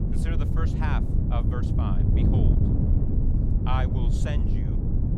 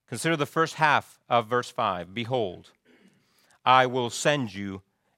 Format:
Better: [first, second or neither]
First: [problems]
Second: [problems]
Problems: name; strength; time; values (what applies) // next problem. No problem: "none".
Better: second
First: wind noise on the microphone; heavy; as loud as the speech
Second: none